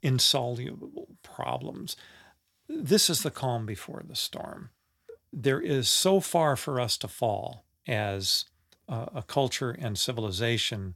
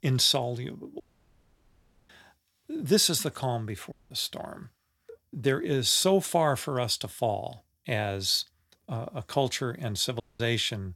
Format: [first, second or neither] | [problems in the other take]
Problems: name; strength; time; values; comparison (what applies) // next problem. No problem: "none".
first | audio cutting out; at 1 s for 1 s, at 4 s and at 10 s